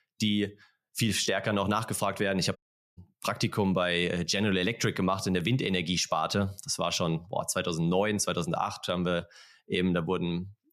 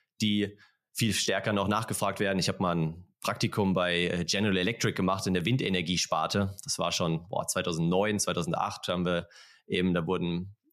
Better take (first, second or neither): second